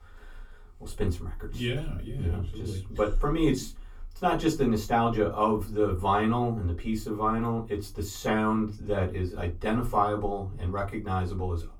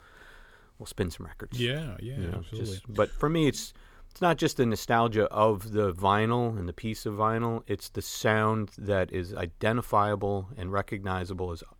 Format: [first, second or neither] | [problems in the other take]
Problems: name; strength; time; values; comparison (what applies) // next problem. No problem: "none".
second | off-mic speech; far // room echo; very slight; dies away in 0.2 s